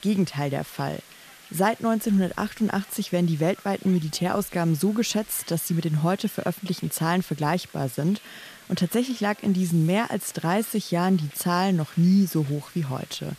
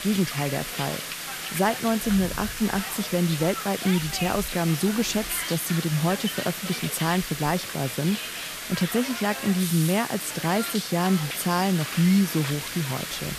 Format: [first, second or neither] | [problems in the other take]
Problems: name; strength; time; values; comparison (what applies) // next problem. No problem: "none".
first | hiss; loud; throughout; 5 dB below the speech; faint in the first